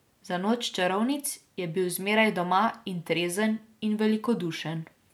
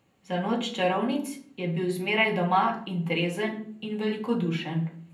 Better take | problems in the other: first | room echo; dies away in 0.6 s

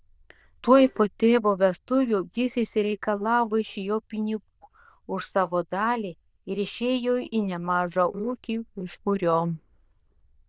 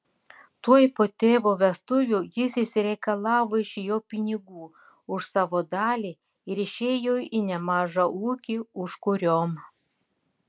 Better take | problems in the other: second | noise reduction (neural diffusion model UNIVERSE++)

